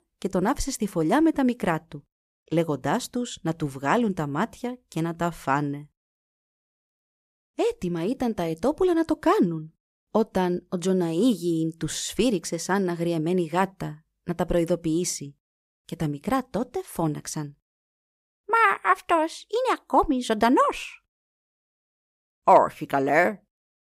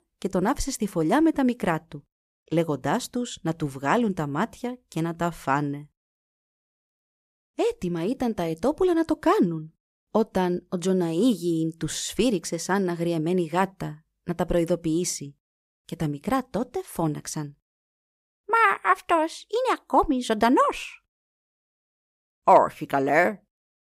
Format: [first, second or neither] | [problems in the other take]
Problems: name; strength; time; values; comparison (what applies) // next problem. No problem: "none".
neither | none